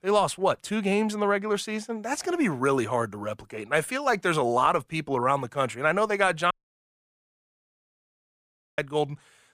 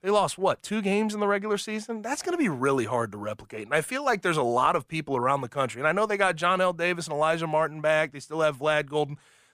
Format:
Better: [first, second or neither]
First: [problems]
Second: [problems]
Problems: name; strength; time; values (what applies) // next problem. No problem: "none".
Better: second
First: audio cutting out; at 6.5 s for 2.5 s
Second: none